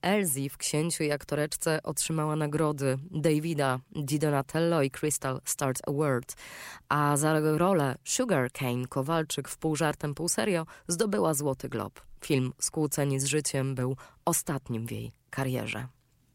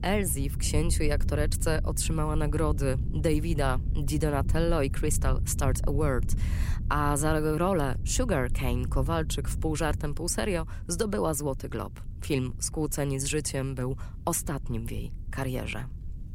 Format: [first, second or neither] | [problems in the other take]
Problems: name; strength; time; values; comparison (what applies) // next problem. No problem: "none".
first | low rumble; noticeable; throughout; 15 dB below the speech